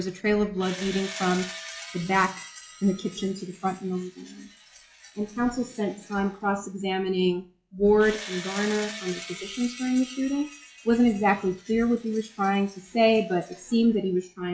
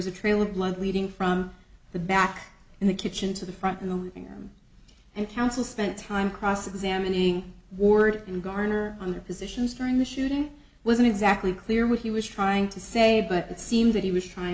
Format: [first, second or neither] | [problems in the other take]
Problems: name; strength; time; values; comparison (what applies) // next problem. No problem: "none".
second | noise reduction (classical method log-MMSE)